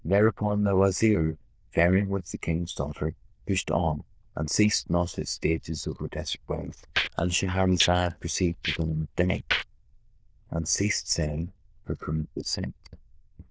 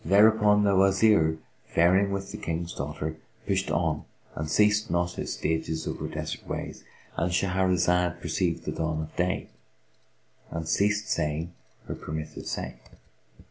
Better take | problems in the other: second | noise reduction (neural diffusion model UNIVERSE++)

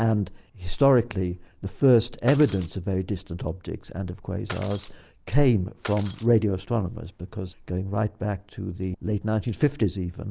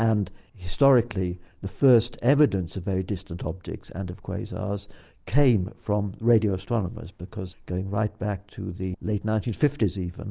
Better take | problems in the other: second | background sound (Shatter); 14 dB below the speech

